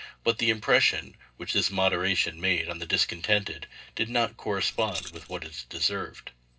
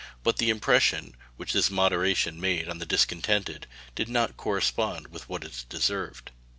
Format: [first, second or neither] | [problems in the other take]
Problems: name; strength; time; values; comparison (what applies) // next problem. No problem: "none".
second | noise reduction (neural separator model SepFormer DNS4)